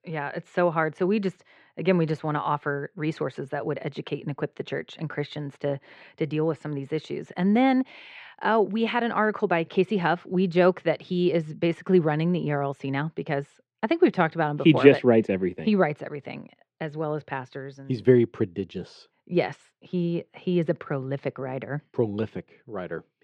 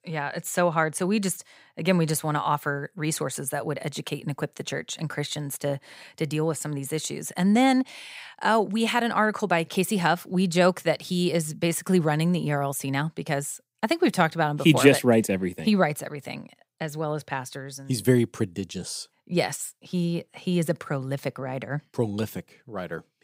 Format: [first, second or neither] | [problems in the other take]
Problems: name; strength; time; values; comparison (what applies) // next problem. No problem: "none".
second | muffled; slightly; fading above 3 kHz